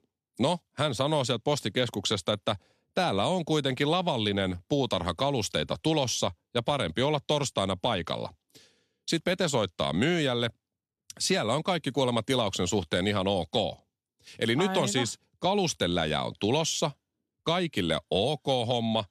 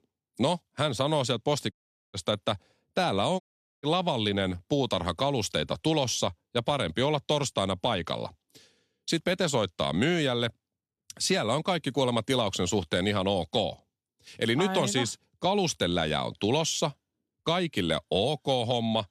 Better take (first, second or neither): first